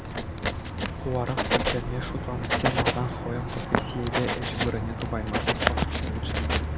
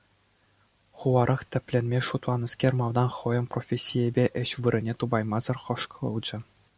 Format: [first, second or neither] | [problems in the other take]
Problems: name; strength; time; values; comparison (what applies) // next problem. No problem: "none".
second | background sound (Writing); 5 dB above the speech